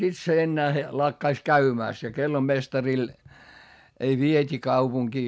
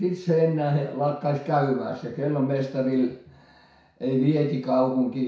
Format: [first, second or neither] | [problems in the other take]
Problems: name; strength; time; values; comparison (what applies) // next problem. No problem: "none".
first | room echo; dies away in 0.6 s